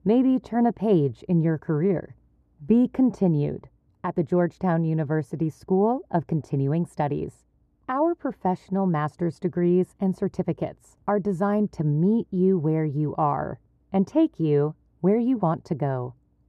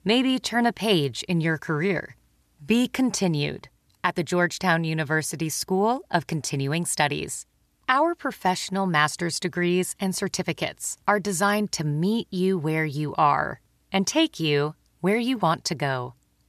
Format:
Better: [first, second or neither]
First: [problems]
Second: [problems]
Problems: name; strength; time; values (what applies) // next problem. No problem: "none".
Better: second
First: muffled; very; fading above 1.5 kHz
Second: none